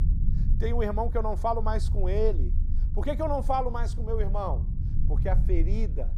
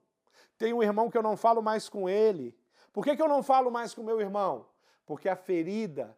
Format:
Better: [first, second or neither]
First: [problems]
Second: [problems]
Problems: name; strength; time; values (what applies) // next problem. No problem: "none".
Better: second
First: low rumble; noticeable; throughout; 15 dB below the speech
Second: none